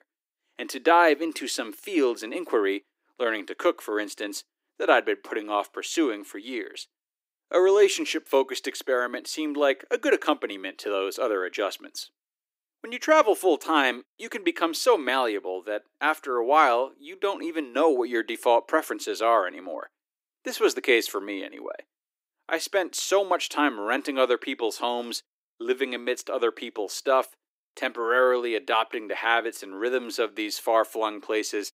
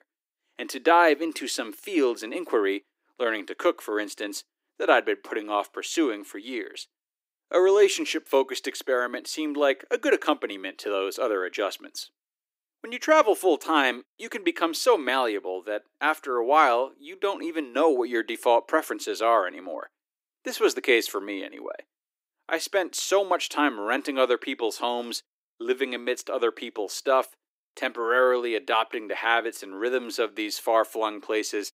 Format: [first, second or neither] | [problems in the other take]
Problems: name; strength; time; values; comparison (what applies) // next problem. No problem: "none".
neither | thin; very; fading below 300 Hz; the same in both